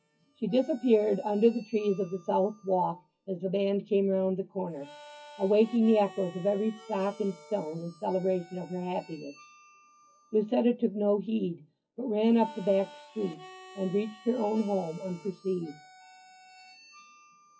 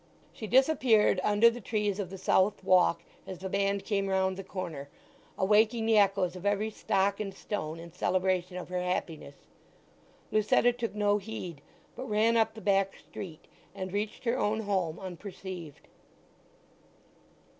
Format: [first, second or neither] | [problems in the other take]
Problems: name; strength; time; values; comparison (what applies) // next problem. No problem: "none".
second | noise reduction (classical method WPE with log-MMSE)